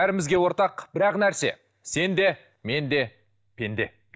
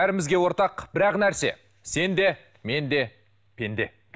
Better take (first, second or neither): second